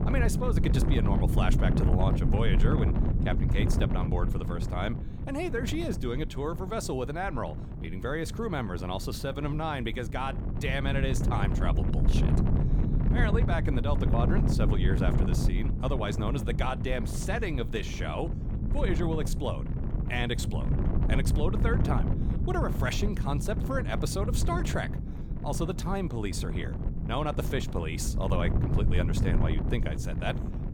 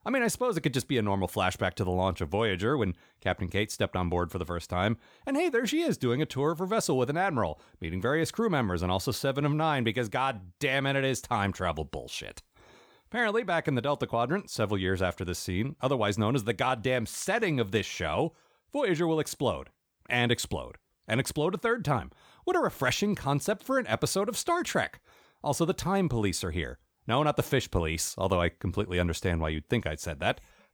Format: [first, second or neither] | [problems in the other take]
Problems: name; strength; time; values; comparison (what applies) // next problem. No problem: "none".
second | wind noise on the microphone; heavy; 6 dB below the speech